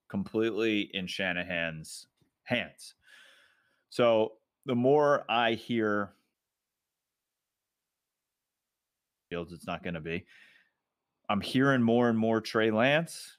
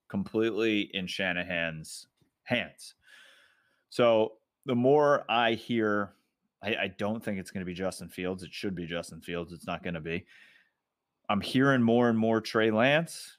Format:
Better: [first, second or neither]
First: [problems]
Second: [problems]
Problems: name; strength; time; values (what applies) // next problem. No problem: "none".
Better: second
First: audio cutting out; at 6.5 s for 3 s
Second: none